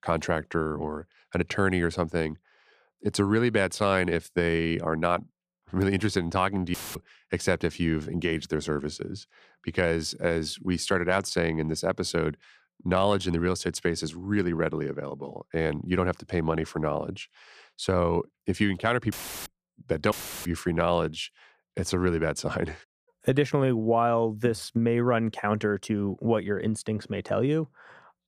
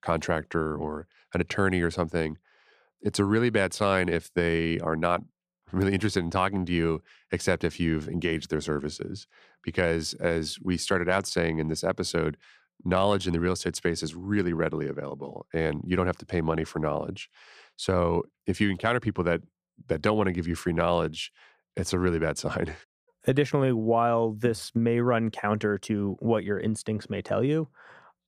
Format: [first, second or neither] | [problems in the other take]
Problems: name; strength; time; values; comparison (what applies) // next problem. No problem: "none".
second | audio cutting out; filled with static; at 6.5 s, at 19 s and at 20 s